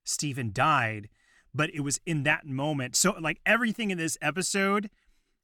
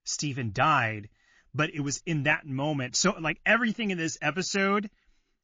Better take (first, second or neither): first